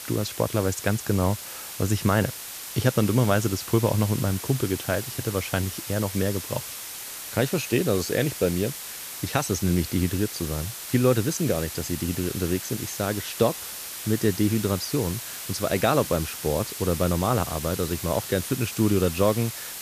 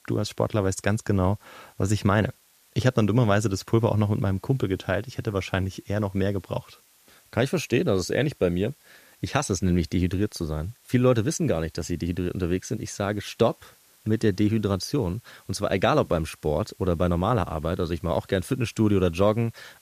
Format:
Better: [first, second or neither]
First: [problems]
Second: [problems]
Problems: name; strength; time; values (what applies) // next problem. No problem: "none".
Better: second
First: hiss; loud; throughout; 8 dB below the speech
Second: hiss; faint; throughout; 30 dB below the speech